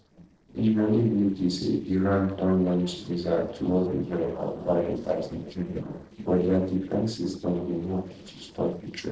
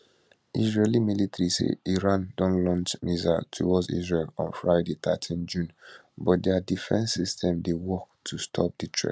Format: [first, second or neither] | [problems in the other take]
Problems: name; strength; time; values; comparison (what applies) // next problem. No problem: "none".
second | noise reduction (neural separator model SepFormer DNS4)